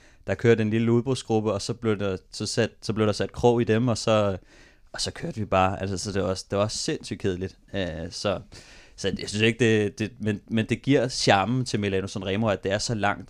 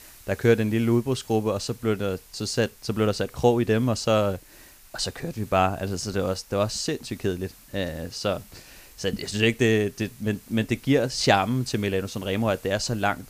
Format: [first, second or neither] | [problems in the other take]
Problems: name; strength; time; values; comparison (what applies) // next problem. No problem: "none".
first | hiss; faint; throughout; 25 dB below the speech